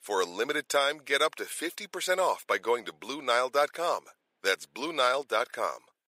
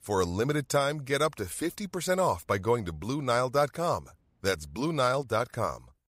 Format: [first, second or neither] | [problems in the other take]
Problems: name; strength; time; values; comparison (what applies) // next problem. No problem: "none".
second | thin; somewhat; fading below 350 Hz